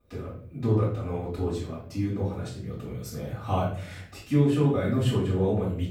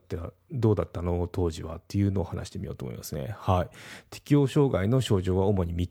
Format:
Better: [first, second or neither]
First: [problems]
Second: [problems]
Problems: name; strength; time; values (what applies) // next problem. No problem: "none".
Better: second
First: off-mic speech; far // room echo; noticeable; dies away in 0.6 s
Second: none